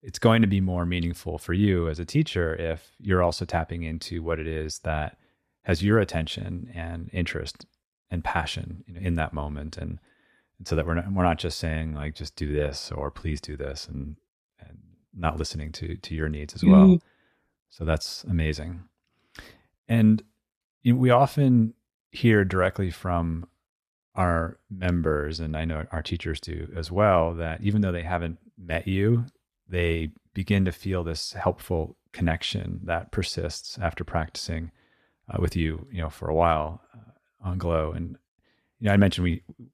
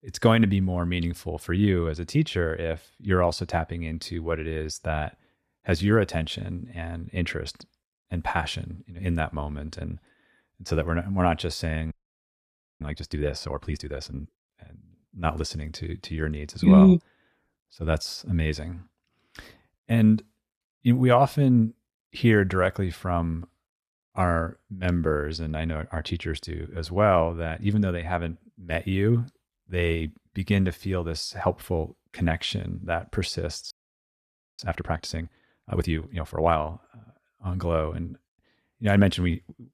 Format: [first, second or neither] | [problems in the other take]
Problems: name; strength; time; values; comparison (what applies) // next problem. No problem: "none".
first | audio freezing; at 12 s for 1 s and at 34 s for 1 s